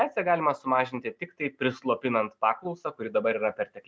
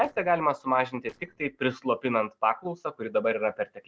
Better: first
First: none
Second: noise reduction (neural separator model SepFormer DNS4)

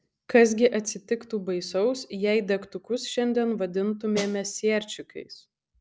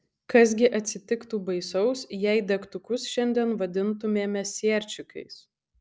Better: second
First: background sound (Snare drum); 10 dB below the speech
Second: none

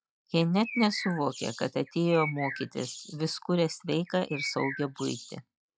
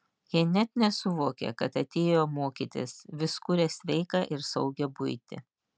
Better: second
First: noise reduction (classical method log-MMSE)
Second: none

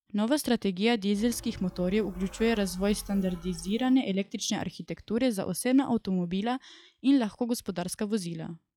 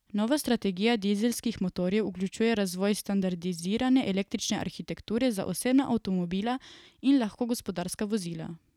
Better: second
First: noise reduction (classical method log-MMSE)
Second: none

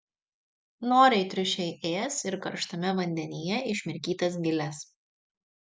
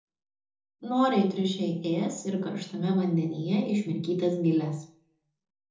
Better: first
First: none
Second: room echo; dies away in 0.6 s

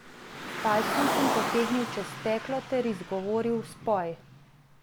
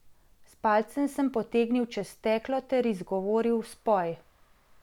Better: second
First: background sound (Car); 3 dB below the speech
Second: none

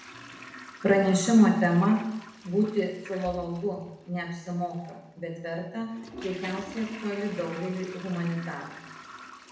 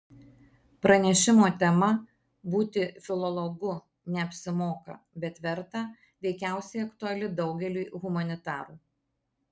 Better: second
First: background sound (Toilet flush); 18 dB below the speech // room echo; dies away in 0.8 s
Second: none

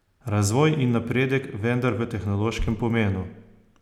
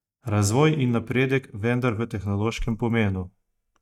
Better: first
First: none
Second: noise reduction (neural mask model DeepFilterNet 3)

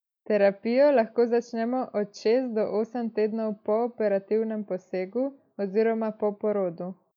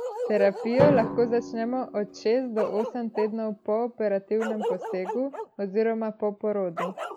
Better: first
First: none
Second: background sound (Bark + Drum); 6 dB below the speech

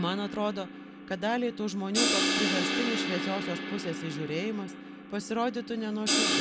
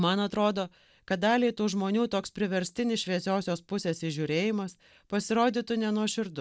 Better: second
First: background sound (Crash cymbal); 1 dB above the speech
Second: none

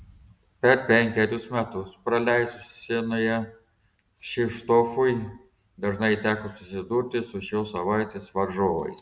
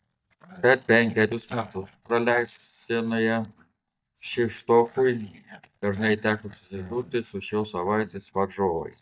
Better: first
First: none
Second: noise reduction (neural mask model DeepFilterNet 3)

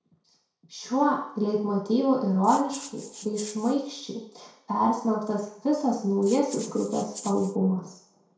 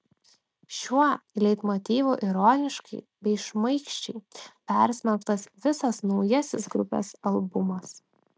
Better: second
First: background sound (Rattle (instrument)); 15 dB below the speech // room echo; dies away in 0.6 s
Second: none

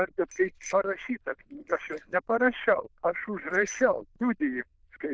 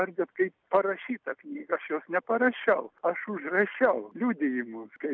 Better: second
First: noise reduction (neural diffusion model UNIVERSE++)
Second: none

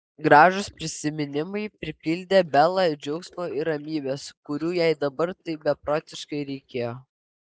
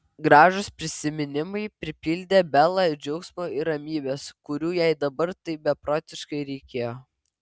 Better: second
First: noise reduction (neural mask model Resemble Enhance denoiser)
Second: none

